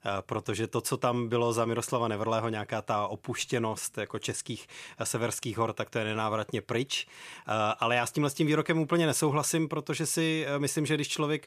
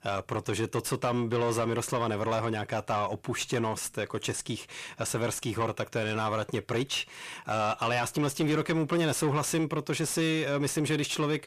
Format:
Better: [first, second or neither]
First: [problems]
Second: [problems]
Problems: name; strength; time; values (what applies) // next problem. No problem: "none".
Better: first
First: none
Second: distortion; slight; 10 dB below the speech